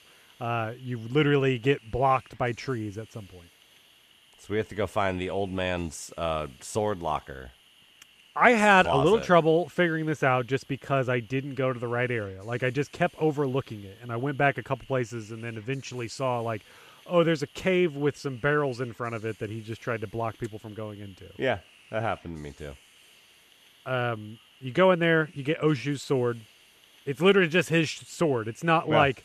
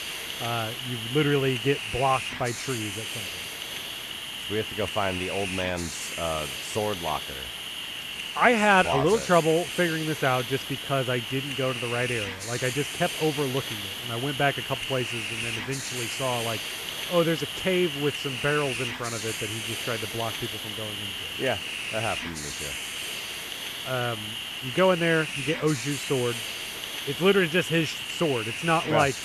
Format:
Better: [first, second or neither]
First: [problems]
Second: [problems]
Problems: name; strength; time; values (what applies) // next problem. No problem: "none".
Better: first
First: hiss; faint; throughout; 25 dB below the speech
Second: hiss; loud; throughout; 4 dB below the speech